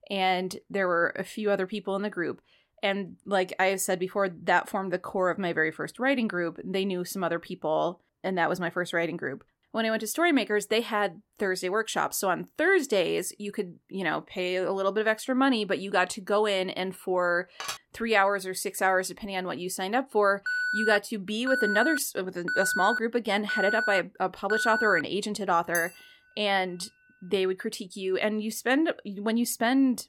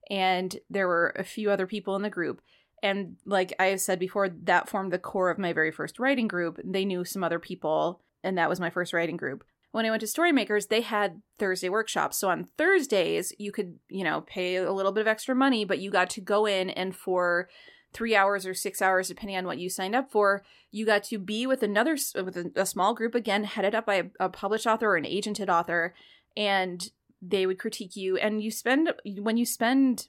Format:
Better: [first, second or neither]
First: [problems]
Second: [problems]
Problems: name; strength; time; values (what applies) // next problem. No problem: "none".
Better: second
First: clattering dishes; noticeable; at 18 s and at 26 s; peak 8 dB below the speech // alarm; loud; from 20 to 25 s; peak 1 dB above the speech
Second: none